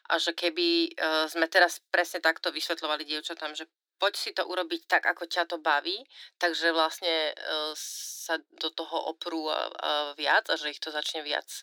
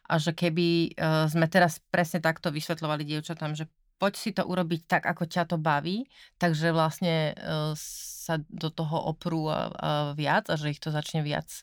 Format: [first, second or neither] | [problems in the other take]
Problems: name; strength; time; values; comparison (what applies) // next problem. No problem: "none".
second | thin; very; fading below 300 Hz